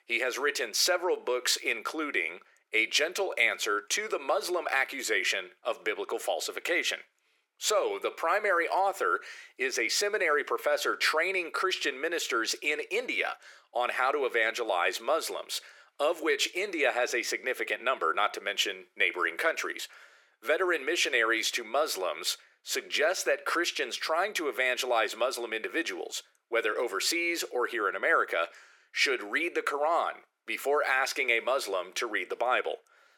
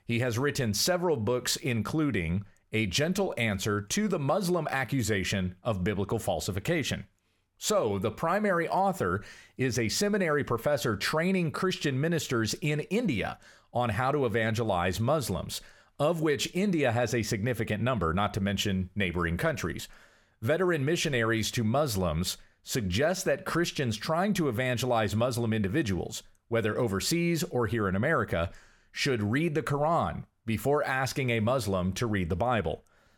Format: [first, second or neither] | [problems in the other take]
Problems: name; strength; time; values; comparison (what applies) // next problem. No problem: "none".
second | thin; very; fading below 350 Hz